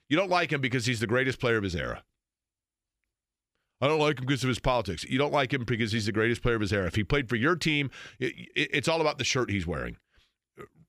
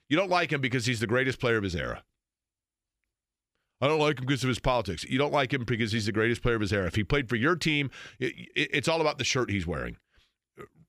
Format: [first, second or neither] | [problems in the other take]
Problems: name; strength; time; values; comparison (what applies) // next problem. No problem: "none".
neither | none